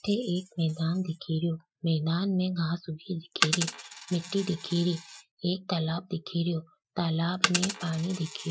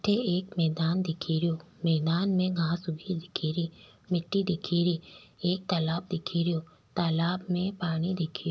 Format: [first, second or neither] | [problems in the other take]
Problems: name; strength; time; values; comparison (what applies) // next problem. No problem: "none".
second | noise reduction (classical method Wiener filter)